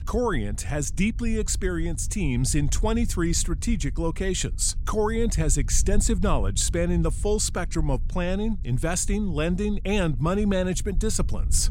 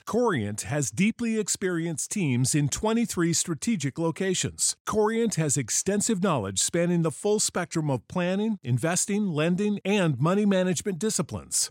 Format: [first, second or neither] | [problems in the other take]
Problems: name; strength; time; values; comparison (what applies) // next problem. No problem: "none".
second | low rumble; faint; throughout; 20 dB below the speech